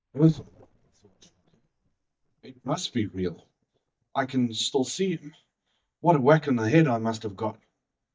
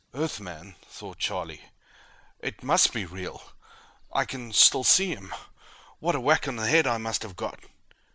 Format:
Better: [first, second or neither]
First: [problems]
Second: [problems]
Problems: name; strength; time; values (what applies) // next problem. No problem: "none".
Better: second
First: noise reduction (neural mask model DeepFilterNet 3)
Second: none